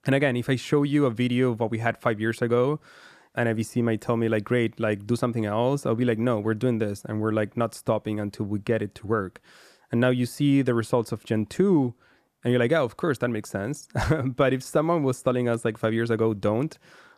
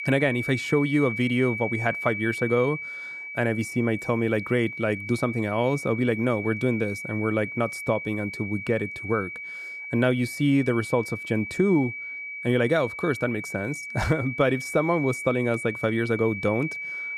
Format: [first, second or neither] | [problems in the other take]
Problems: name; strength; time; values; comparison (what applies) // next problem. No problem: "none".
first | high-pitched whine; loud; throughout; 2.5 kHz, 7 dB below the speech